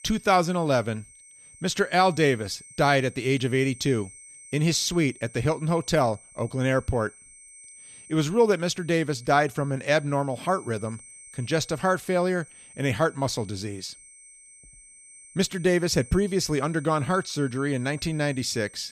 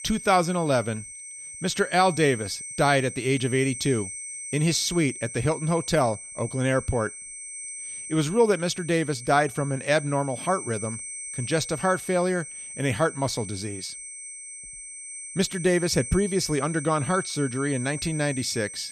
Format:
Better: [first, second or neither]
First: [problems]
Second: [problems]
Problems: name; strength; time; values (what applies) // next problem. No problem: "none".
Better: first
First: high-pitched whine; faint; throughout; 8.5 kHz, 20 dB below the speech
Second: high-pitched whine; loud; throughout; 8.5 kHz, 10 dB below the speech